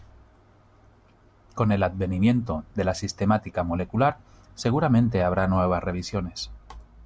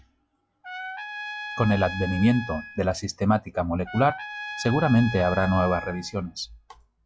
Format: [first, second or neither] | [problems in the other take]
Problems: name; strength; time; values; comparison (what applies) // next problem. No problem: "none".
first | noise reduction (classical method log-MMSE)